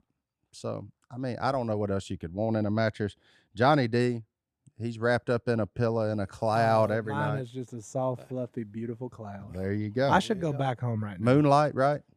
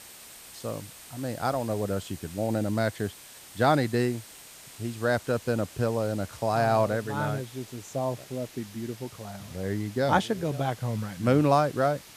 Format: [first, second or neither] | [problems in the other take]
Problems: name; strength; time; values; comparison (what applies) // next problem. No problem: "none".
first | hiss; noticeable; throughout; 15 dB below the speech